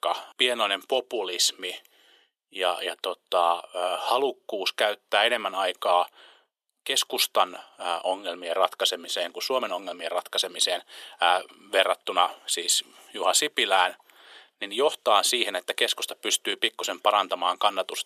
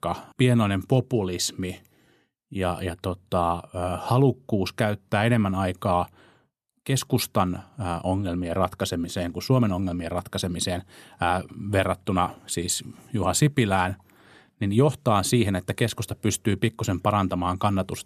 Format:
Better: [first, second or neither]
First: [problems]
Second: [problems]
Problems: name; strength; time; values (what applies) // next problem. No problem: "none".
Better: second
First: thin; very; fading below 450 Hz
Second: none